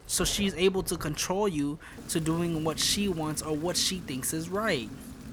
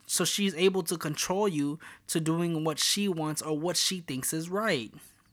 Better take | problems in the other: second | rain or running water; noticeable; throughout; 15 dB below the speech

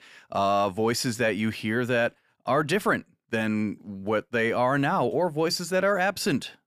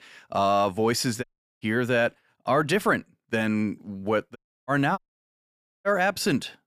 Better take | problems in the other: first | audio cutting out; at 1 s, at 4.5 s and at 5 s for 1 s

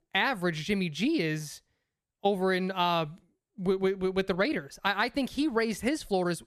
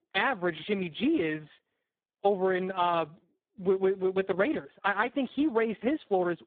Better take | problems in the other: first | phone-call audio; poor line

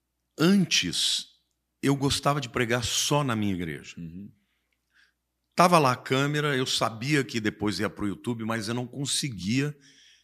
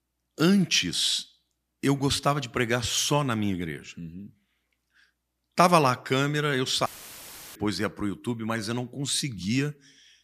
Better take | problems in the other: first | audio cutting out; filled with static; at 7 s for 0.5 s

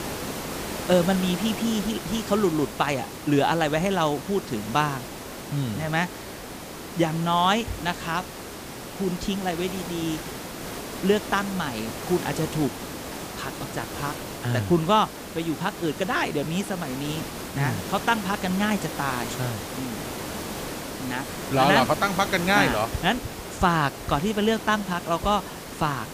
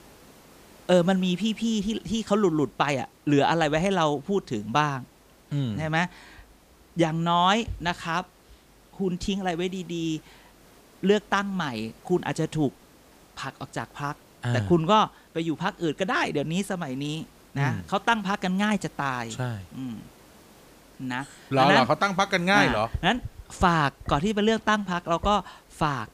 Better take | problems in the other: second | hiss; loud; throughout; 9 dB below the speech; faint in the second

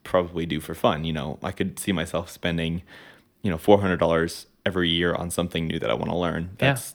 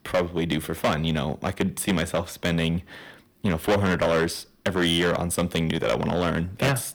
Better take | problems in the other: first | distortion; heavy; 9% of the sound clipped

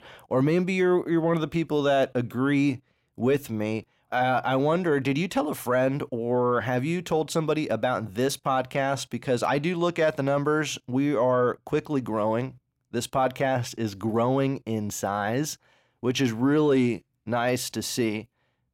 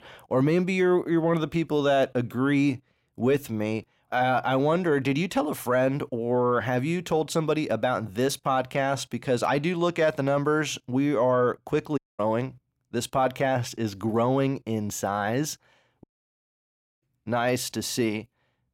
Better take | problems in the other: first | audio cutting out; at 12 s and at 16 s for 1 s

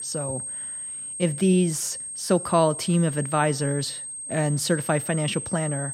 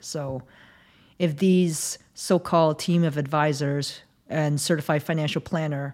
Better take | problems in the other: second | high-pitched whine; loud; throughout; 8.5 kHz, 7 dB below the speech

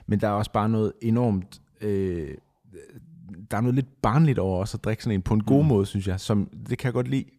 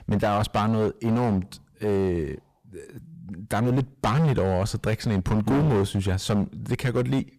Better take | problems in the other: first | distortion; heavy; 16% of the sound clipped

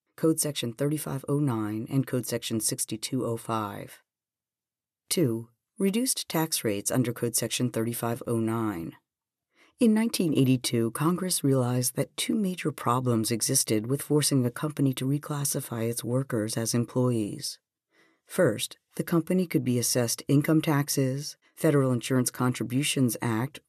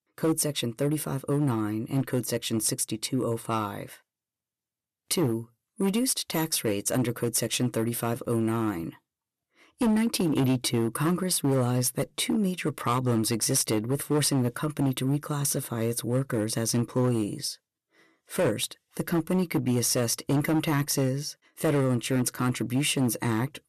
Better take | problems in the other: first | distortion; slight; 7% of the sound clipped

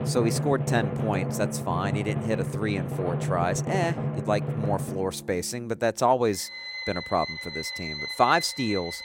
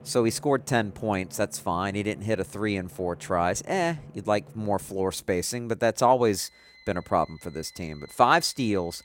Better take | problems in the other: second | background music; loud; throughout; 3 dB below the speech; faint in the second

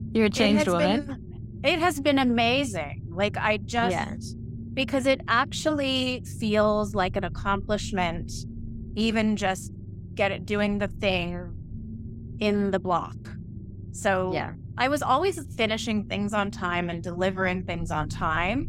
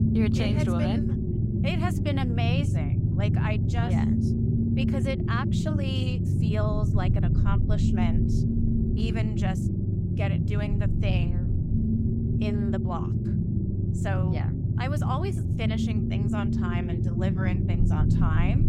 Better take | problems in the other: first | low rumble; loud; throughout; 1 dB below the speech; faint in the first

